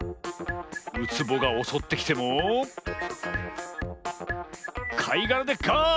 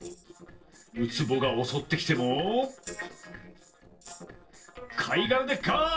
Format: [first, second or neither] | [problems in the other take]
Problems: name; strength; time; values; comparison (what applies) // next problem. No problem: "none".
first | noise reduction (neural separator model SepFormer DNS4)